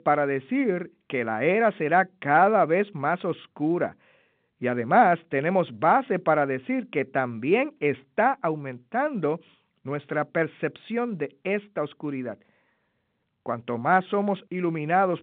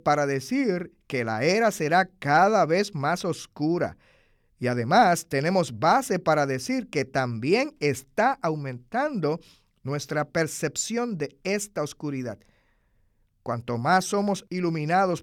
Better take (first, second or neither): second